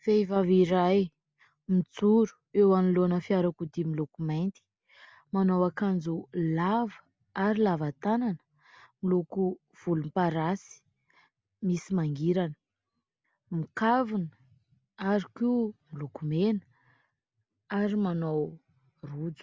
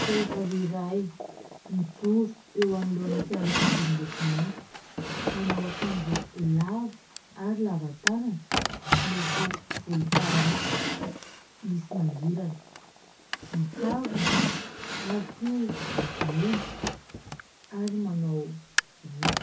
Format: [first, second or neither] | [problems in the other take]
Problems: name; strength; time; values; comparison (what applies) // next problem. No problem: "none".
first | background sound (Drawer open or close); 1 dB below the speech // room echo; dies away in 0.3 s